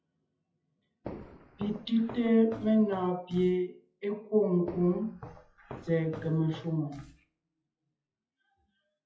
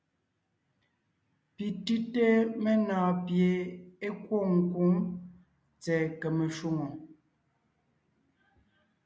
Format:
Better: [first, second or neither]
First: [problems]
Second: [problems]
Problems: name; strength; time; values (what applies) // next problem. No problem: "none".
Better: second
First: noise reduction (classical method WPE with log-MMSE)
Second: none